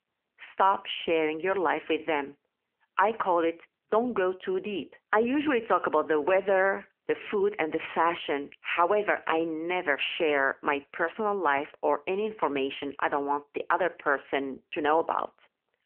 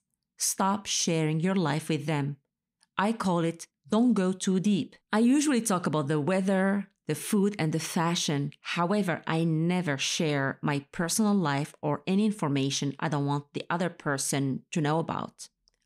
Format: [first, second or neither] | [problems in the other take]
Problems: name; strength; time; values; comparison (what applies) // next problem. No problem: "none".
second | phone-call audio; nothing above 3 kHz